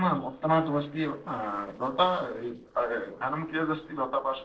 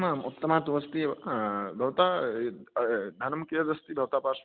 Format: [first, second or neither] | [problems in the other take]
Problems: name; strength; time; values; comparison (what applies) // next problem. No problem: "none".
second | noise reduction (neural separator model SepFormer DNS4)